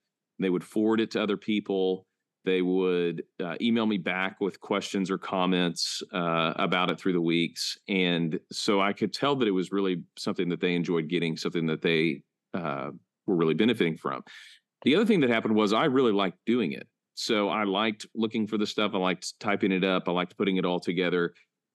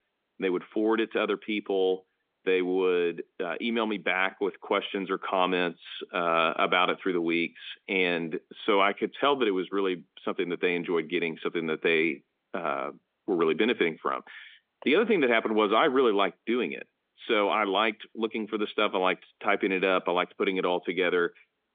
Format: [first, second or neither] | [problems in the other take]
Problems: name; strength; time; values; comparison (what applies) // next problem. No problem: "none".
first | phone-call audio; nothing above 3.5 kHz